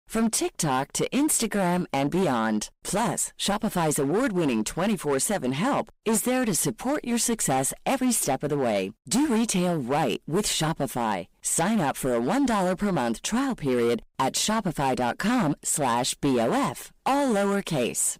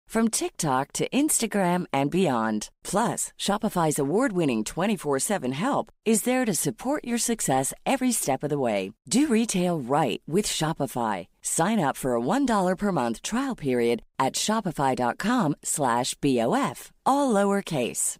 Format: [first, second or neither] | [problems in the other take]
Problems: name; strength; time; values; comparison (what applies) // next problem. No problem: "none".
second | distortion; slight; 12% of the sound clipped